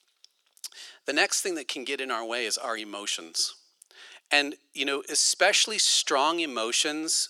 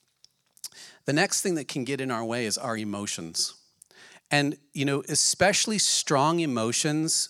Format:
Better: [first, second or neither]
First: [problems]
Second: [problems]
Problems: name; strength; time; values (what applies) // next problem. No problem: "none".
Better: second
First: thin; somewhat; fading below 350 Hz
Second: none